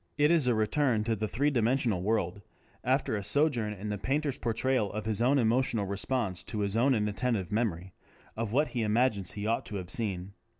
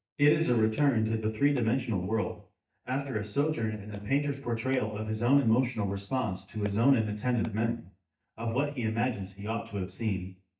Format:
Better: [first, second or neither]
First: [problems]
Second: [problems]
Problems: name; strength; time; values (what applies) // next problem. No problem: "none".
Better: first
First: none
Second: noise reduction (neural mask model DeepFilterNet 3)